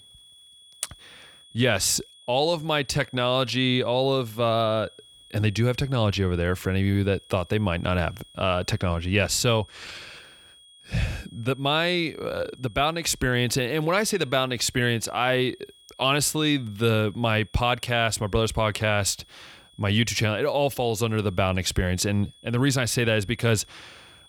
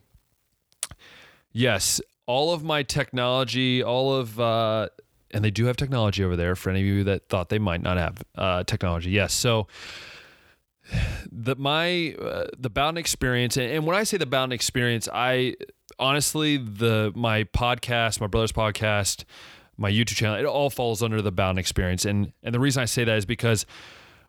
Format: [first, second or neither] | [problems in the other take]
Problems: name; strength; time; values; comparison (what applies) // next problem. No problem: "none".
second | high-pitched whine; faint; throughout; 3.5 kHz, 25 dB below the speech